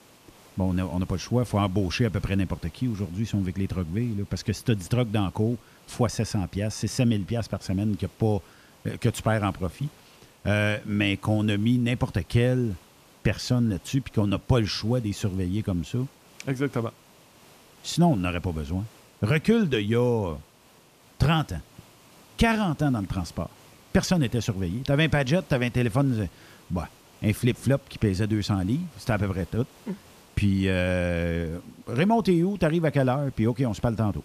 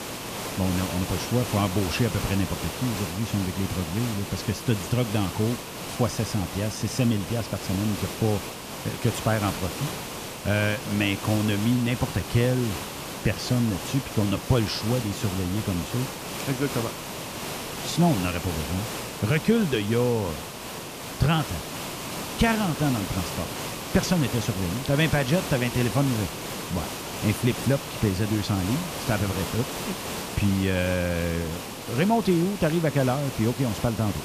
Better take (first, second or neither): first